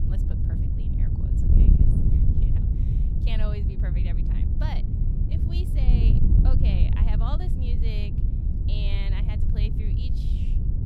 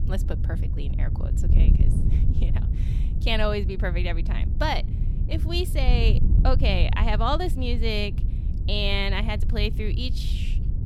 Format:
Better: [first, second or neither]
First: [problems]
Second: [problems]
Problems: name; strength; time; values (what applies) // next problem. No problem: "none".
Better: second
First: wind noise on the microphone; heavy; 1 dB above the speech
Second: wind noise on the microphone; occasional gusts; 15 dB below the speech